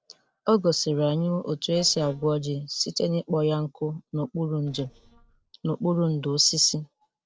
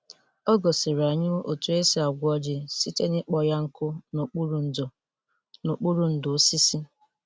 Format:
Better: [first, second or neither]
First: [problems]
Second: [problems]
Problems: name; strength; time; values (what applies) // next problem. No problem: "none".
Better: second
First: noise reduction (neural separator model SepFormer DNS4)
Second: none